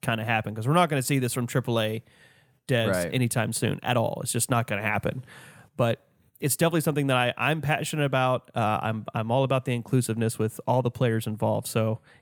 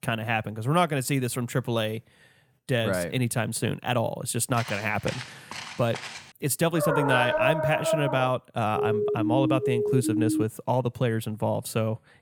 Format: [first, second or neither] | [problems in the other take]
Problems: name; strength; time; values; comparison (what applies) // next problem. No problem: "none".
first | footsteps; noticeable; from 4.5 to 6.5 s; peak 10 dB below the speech // dog barking; loud; from 7 to 8.5 s; peak 3 dB above the speech // siren; loud; from 8.5 to 10 s; peak 1 dB above the speech